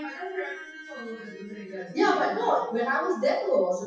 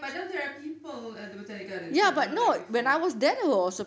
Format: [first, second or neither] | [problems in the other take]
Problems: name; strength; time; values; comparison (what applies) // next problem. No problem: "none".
second | noise reduction (classical method WPE with log-MMSE)